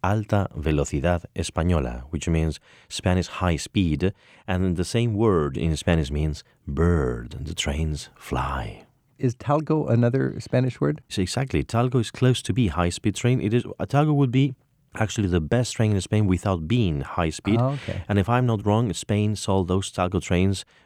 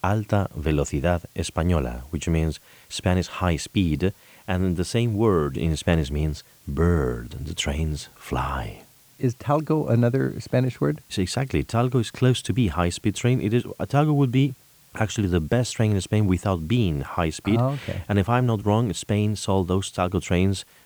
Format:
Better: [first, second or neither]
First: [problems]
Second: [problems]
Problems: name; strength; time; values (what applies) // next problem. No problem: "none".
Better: first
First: none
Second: hiss; faint; throughout; 30 dB below the speech